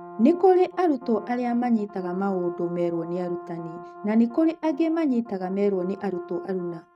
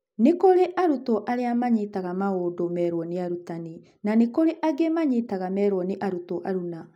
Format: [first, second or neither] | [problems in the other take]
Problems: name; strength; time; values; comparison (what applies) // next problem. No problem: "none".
second | noise reduction (neural mask model RNNoise)